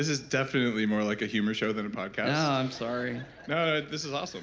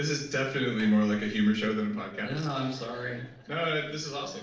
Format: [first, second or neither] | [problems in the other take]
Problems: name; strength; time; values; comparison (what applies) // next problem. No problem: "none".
first | noise reduction (neural separator model SepFormer DNS4)